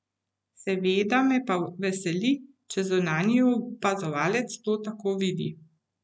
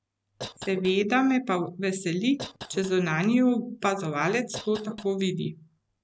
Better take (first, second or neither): first